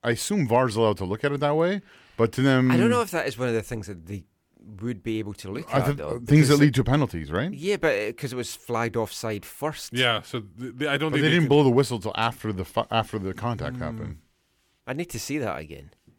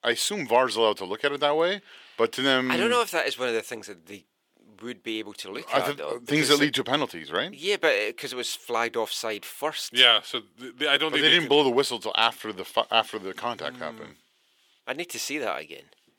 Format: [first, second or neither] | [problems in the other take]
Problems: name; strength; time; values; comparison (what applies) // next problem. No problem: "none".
first | thin; somewhat; fading below 400 Hz